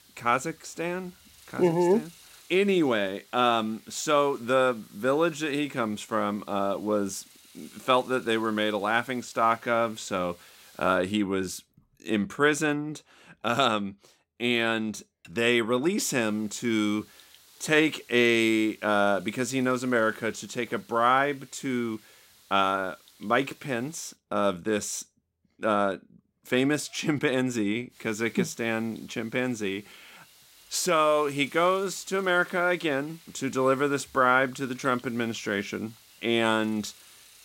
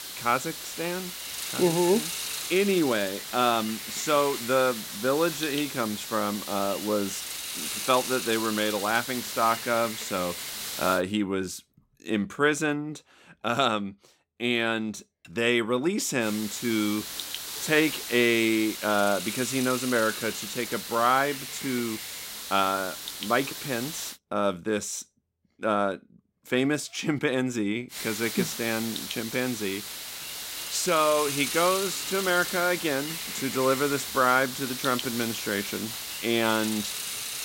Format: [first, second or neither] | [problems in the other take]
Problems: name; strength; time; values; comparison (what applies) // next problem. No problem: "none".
first | hiss; loud; until 11 s, from 16 to 24 s and from 28 s on; 6 dB below the speech; faint in the first